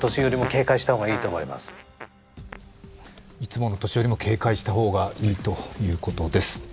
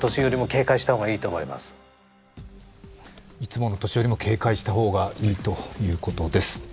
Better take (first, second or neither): second